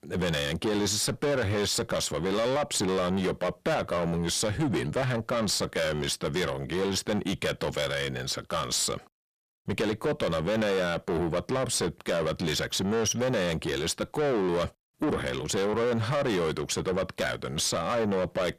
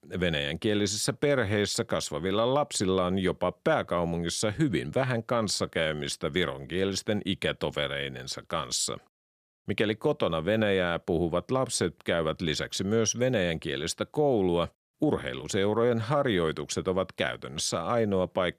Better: second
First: distortion; heavy; 6 dB below the speech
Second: none

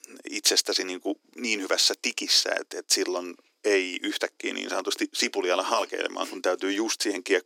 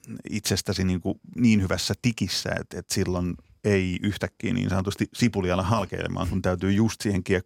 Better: second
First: thin; very; fading below 300 Hz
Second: none

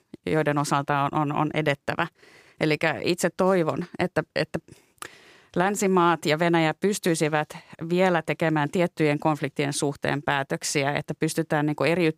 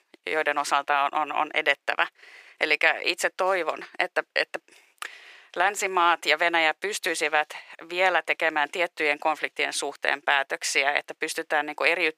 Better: first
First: none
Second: thin; very; fading below 450 Hz

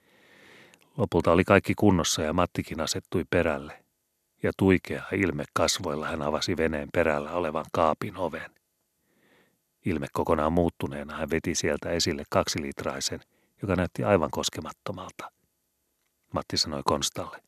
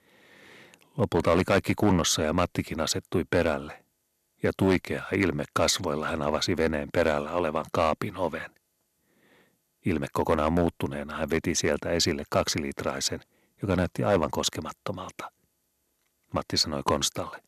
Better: first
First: none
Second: distortion; slight; 1.6% of the sound clipped

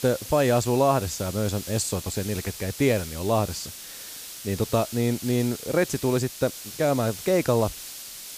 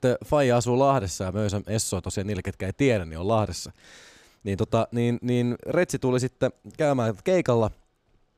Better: second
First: hiss; noticeable; throughout; 10 dB below the speech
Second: none

